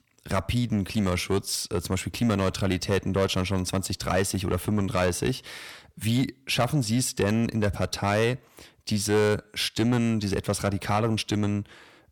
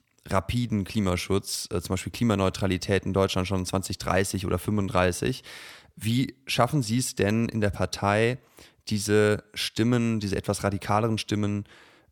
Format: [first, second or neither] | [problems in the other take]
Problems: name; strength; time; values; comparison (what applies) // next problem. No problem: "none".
second | distortion; slight; 10 dB below the speech